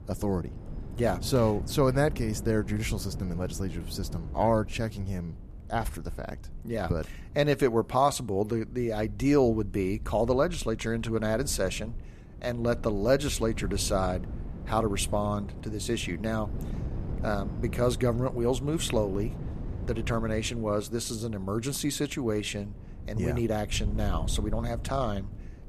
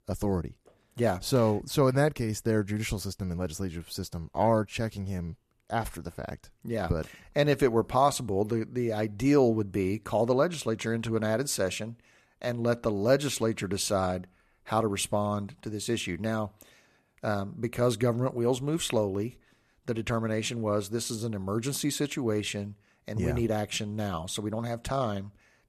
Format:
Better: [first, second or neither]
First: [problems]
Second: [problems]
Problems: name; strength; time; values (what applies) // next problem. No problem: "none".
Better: second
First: wind noise on the microphone; occasional gusts; 20 dB below the speech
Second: none